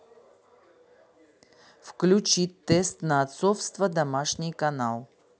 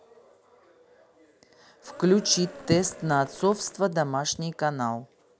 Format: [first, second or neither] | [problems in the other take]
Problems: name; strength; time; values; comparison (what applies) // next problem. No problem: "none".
first | background sound (Cheering); 16 dB below the speech